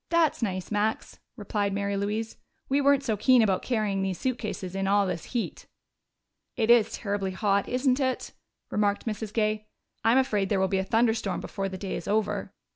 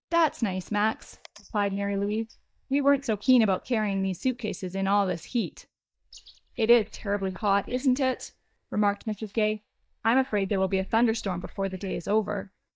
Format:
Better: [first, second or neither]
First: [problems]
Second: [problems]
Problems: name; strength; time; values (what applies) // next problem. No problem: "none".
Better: first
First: none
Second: noise reduction (neural mask model DeepFilterNet 3)